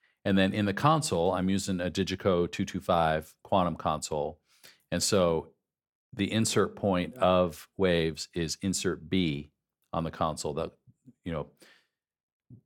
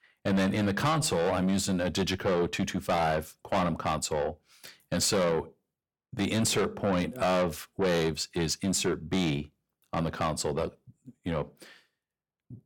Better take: first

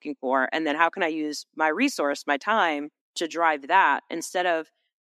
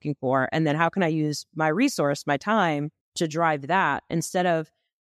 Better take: second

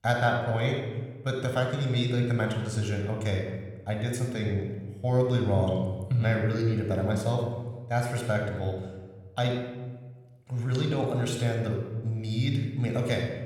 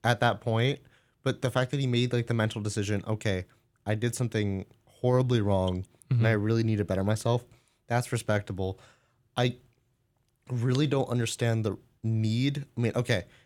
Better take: second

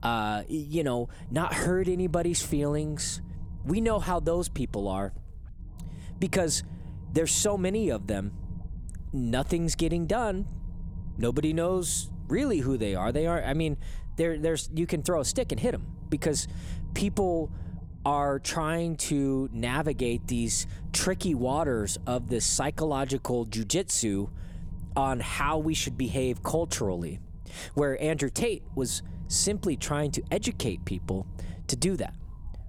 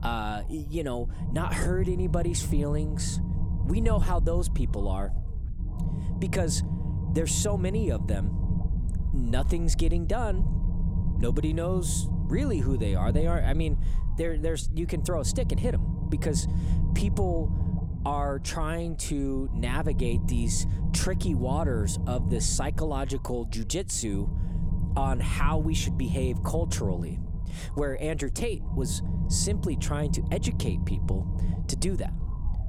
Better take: first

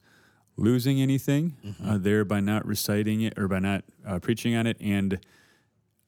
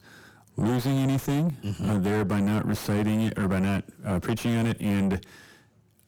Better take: first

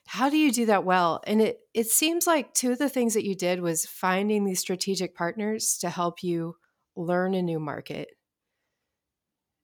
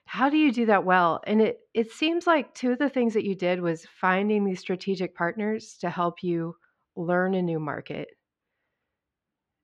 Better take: first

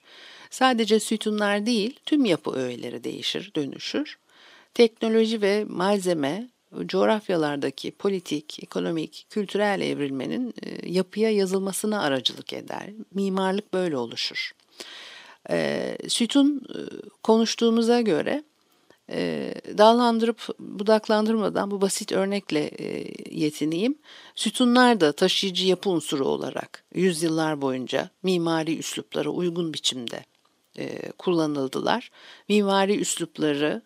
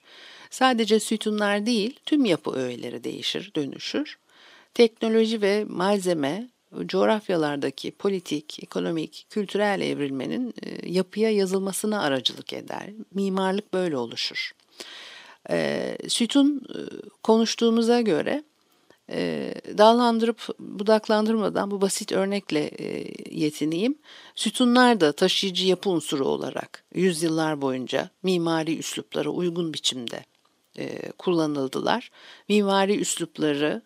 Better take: neither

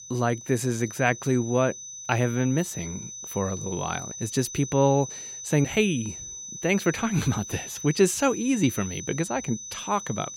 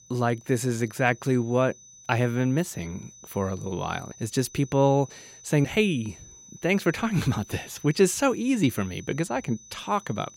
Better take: second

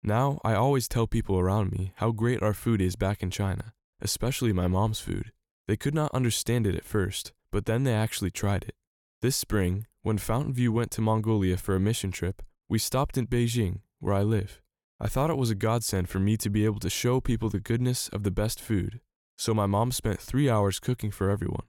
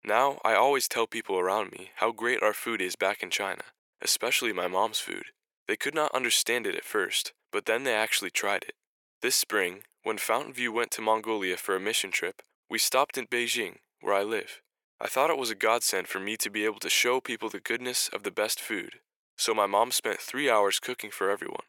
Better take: first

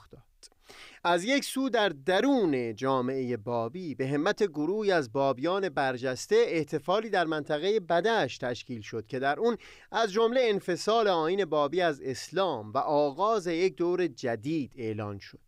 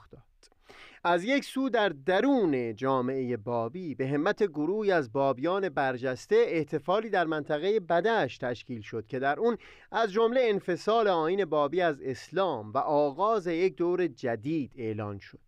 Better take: first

